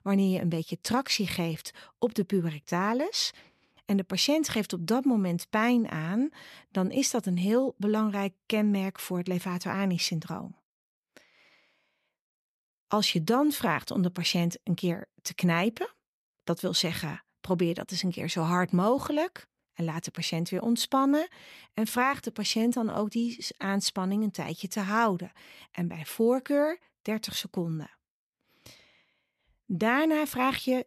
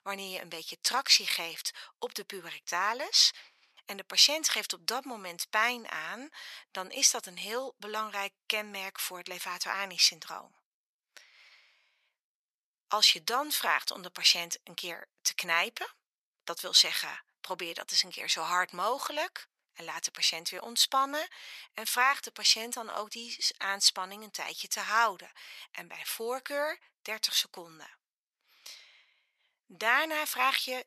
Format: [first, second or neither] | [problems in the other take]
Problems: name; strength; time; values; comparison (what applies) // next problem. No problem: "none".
first | thin; very; fading below 1 kHz